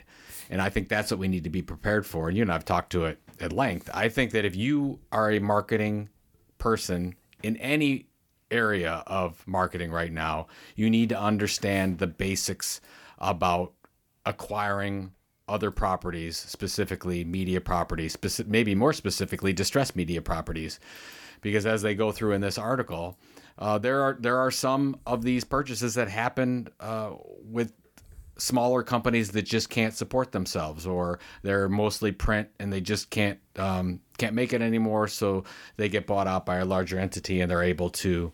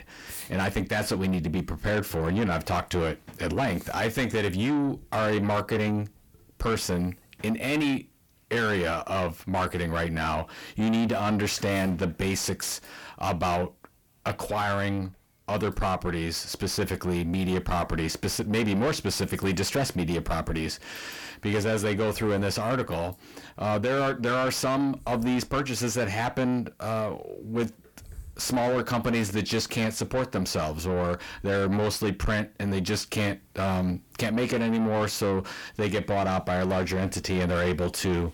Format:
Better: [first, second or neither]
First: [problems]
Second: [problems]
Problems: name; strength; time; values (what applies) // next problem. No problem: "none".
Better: first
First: none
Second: distortion; heavy; 8 dB below the speech